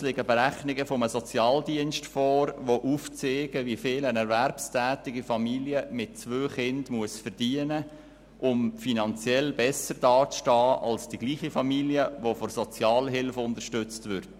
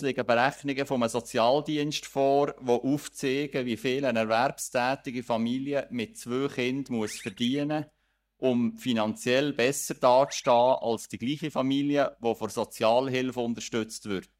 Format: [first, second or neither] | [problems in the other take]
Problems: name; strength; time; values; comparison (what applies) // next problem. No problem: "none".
first | noise reduction (neural mask model DeepFilterNet 3)